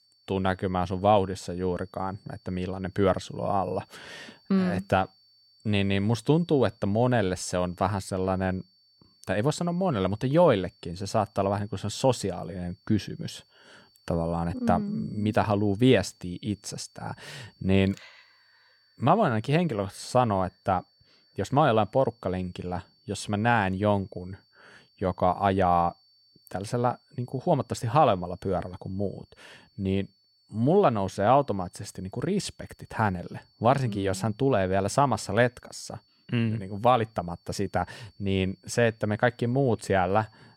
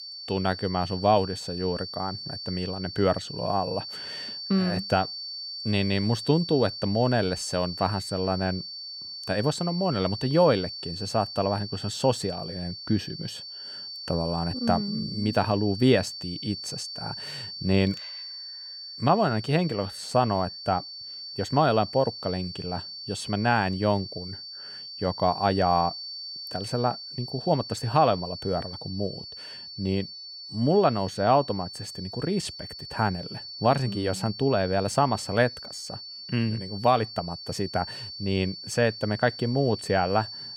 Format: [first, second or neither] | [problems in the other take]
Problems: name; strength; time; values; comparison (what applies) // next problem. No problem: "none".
first | high-pitched whine; loud; throughout; 4.5 kHz, 9 dB below the speech; faint in the first